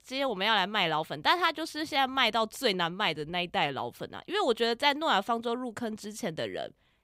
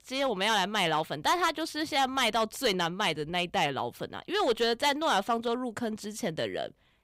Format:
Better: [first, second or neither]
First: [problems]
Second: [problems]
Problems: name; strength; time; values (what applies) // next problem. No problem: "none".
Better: first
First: none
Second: distortion; slight; 5% of the sound clipped